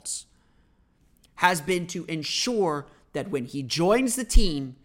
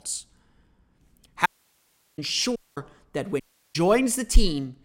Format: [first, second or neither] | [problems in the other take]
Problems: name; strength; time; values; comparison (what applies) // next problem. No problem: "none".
first | audio cutting out; at 1.5 s for 0.5 s, at 2.5 s and at 3.5 s